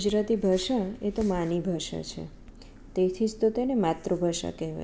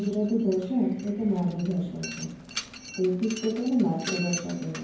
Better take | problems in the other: first | background sound (Mechanisms); 13 dB below the speech // room echo; dies away in 0.9 s

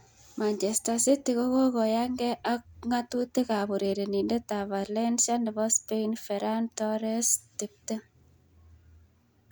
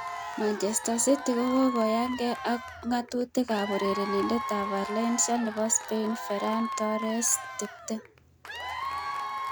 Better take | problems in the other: first | background sound (Applause / Crowd / Cheering); 7 dB below the speech

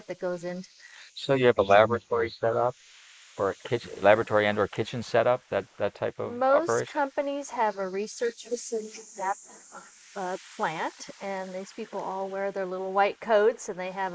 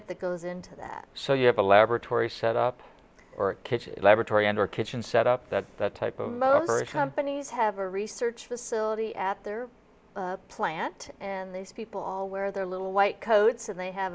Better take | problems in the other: second | noise reduction (neural mask model Resemble Enhance denoiser)

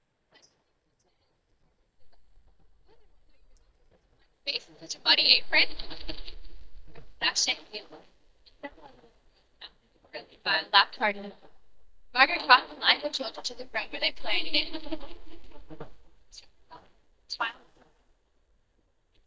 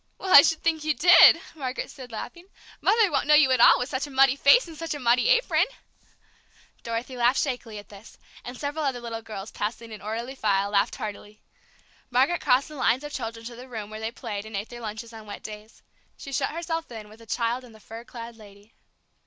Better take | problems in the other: second | noise reduction (neural mask model DeepFilterNet 3)

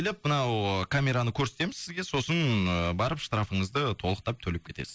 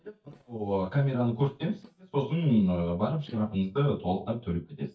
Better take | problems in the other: first | noise reduction (neural mask model DeepFilterNet 3)

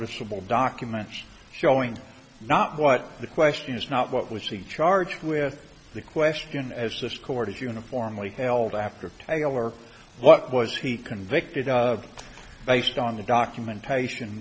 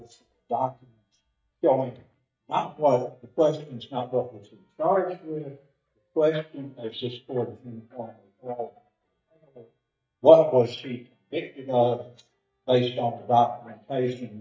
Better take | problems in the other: first | noise reduction (neural mask model DeepFilterNet 3)

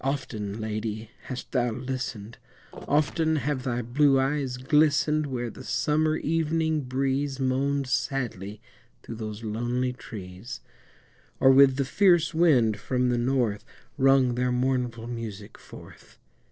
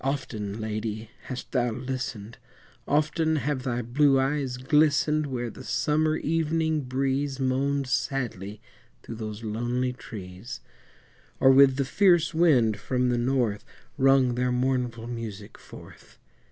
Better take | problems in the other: second | noise reduction (neural separator model SepFormer DNS4)

